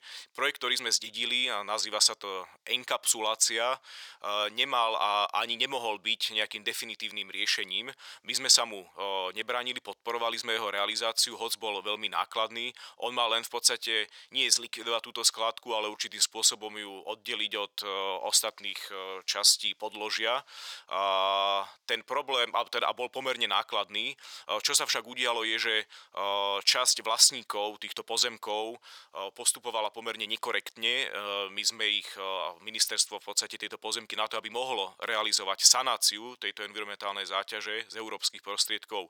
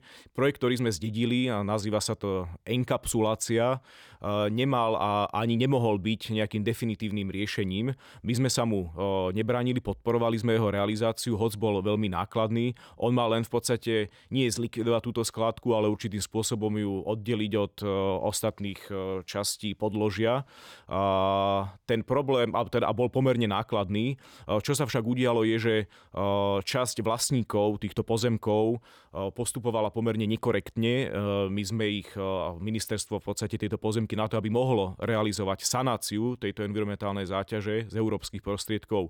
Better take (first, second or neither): second